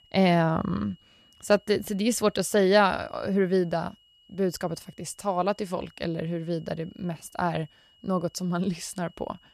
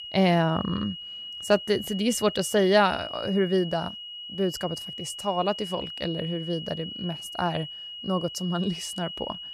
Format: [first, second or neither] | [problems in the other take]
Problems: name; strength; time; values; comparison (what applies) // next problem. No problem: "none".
first | high-pitched whine; loud; throughout; 3 kHz, 9 dB below the speech; faint in the first